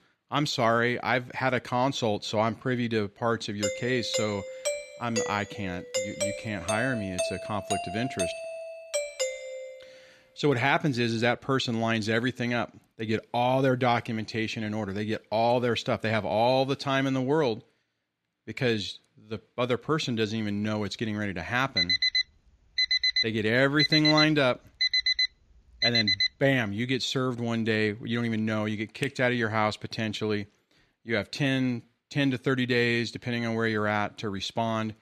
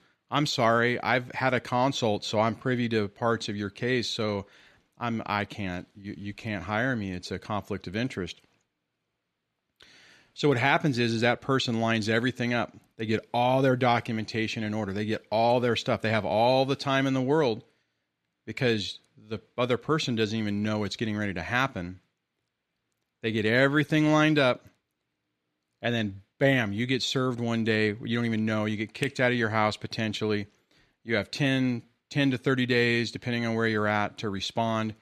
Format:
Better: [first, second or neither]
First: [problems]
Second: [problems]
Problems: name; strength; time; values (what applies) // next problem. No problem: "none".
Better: second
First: doorbell; noticeable; from 3.5 to 9.5 s; peak 2 dB below the speech // alarm; loud; from 22 to 26 s; peak 5 dB above the speech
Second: none